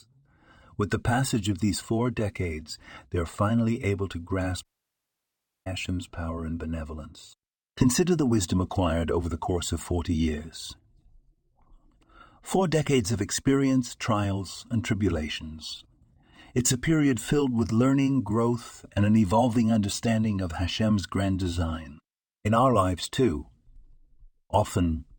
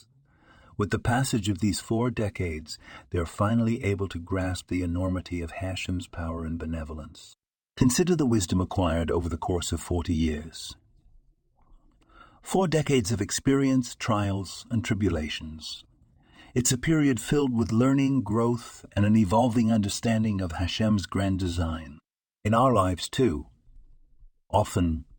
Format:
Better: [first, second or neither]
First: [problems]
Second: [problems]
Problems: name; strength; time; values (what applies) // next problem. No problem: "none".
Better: second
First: audio cutting out; at 4.5 s for 1 s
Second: none